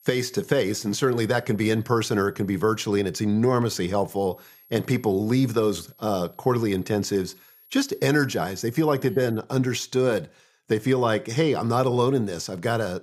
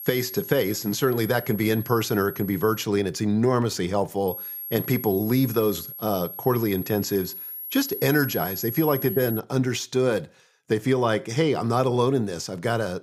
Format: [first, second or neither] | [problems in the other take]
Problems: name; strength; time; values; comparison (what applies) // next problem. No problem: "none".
first | high-pitched whine; loud; until 3 s and from 4.5 to 9.5 s; 11.5 kHz, 9 dB below the speech; faint in the first